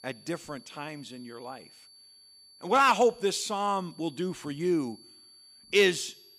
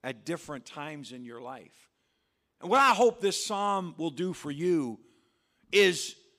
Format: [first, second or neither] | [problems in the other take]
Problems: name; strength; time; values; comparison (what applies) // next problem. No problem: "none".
second | high-pitched whine; faint; throughout; 4.5 kHz, 25 dB below the speech